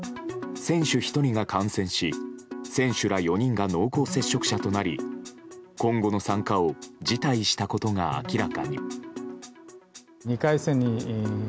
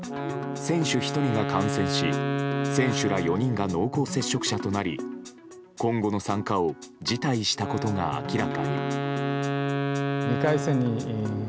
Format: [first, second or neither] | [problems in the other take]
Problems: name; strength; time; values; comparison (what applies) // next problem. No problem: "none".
first | background sound (Wind instrument, woodwind instrument); 3 dB below the speech